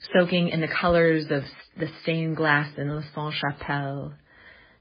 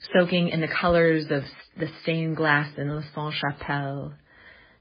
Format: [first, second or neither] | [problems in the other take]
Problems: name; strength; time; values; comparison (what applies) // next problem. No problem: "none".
neither | garbled, watery; badly; nothing above 4.5 kHz; the same in both